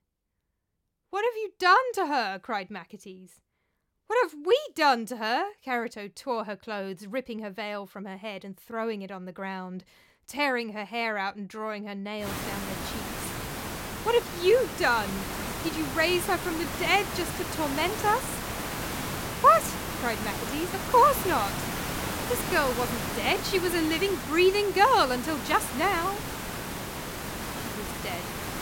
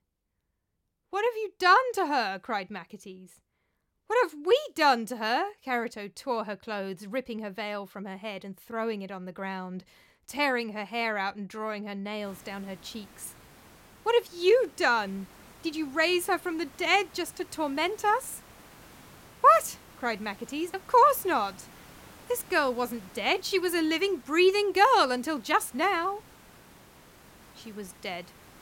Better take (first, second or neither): second